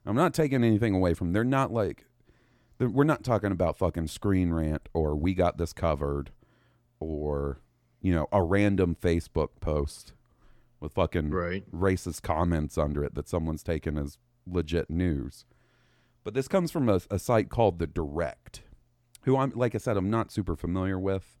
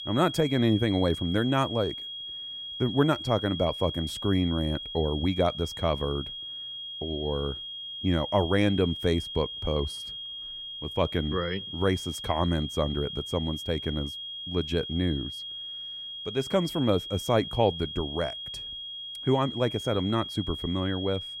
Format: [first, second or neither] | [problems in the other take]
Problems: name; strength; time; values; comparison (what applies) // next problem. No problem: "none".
first | high-pitched whine; loud; throughout; 3.5 kHz, 7 dB below the speech